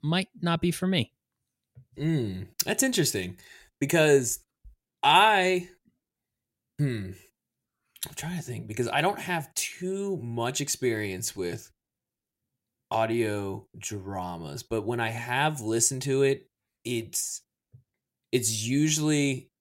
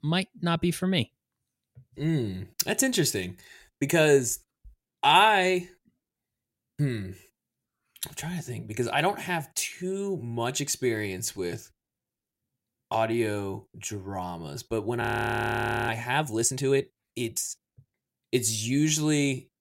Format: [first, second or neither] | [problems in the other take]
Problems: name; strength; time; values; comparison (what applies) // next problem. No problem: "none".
first | audio freezing; at 15 s for 1 s